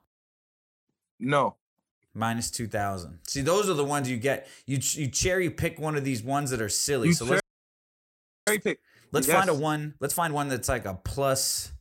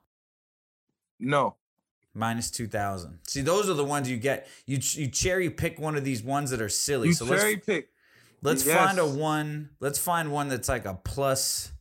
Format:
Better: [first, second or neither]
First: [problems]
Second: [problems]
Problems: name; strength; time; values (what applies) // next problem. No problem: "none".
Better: second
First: audio freezing; at 7.5 s for 1 s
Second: none